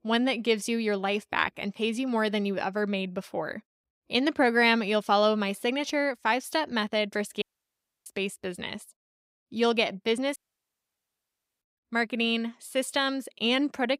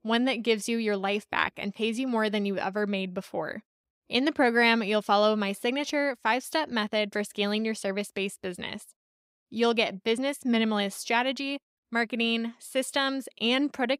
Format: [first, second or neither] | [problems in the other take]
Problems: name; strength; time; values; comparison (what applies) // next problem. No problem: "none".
second | audio cutting out; at 7.5 s for 0.5 s and at 10 s for 1.5 s